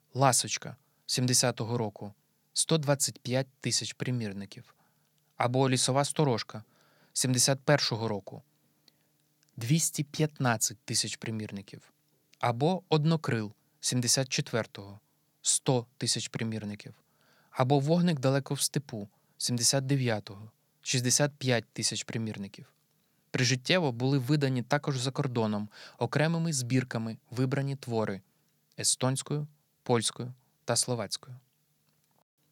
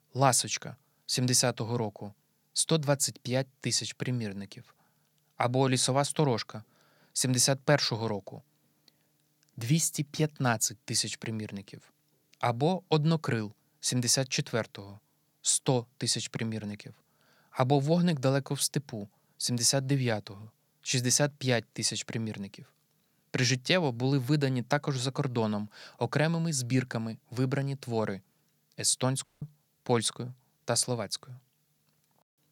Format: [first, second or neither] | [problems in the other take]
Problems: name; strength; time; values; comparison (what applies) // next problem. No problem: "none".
first | audio cutting out; at 29 s